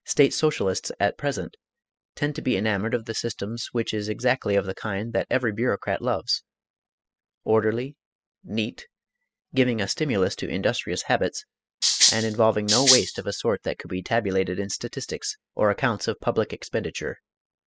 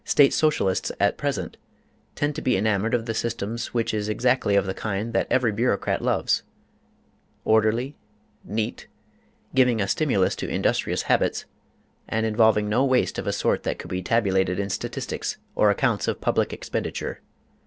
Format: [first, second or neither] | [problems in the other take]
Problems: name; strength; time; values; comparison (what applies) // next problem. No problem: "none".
second | noise reduction (classical method spectral subtraction)